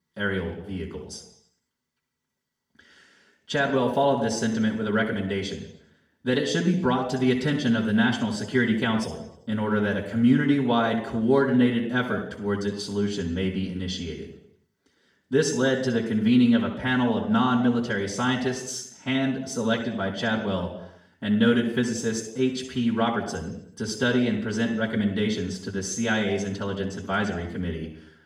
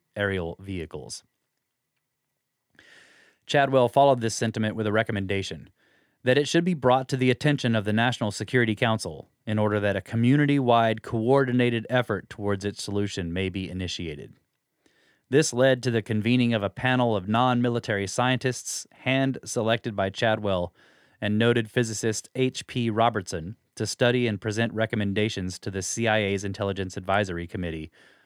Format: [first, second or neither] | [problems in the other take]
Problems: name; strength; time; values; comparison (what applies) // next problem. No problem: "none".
second | room echo; noticeable; dies away in 0.7 s // off-mic speech; far